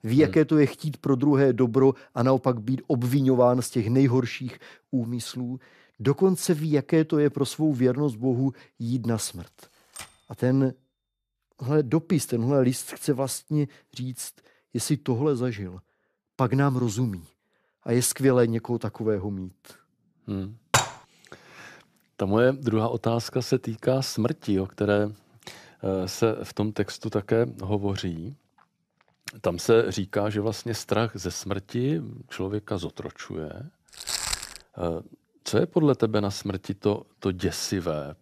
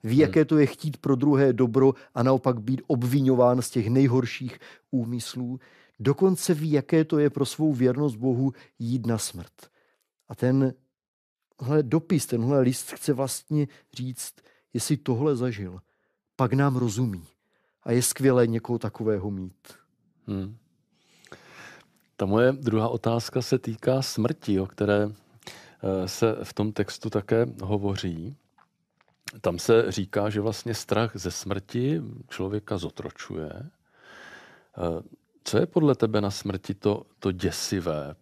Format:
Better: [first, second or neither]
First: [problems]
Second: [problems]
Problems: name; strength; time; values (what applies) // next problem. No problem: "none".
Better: second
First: keyboard typing; faint; at 10 s; peak 15 dB below the speech // clattering dishes; loud; at 21 s; peak 2 dB above the speech // footsteps; noticeable; at 34 s; peak 2 dB below the speech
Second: none